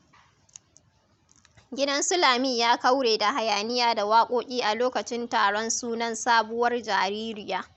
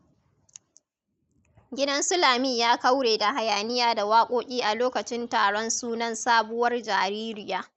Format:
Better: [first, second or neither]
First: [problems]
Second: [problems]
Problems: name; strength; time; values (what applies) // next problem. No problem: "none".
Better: first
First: none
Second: noise reduction (neural mask model Resemble Enhance denoiser)